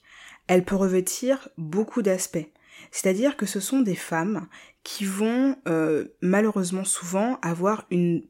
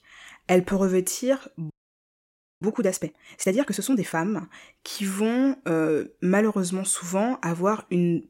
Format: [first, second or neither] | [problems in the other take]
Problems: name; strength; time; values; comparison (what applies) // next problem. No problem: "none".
first | audio freezing; at 1.5 s for 1 s